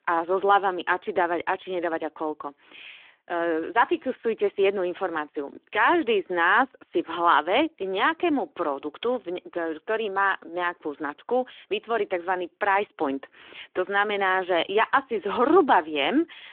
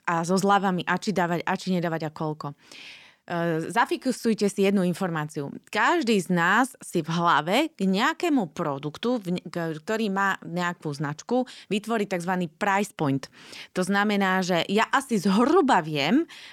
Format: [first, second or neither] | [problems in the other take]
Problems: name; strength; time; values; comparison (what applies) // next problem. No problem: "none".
second | phone-call audio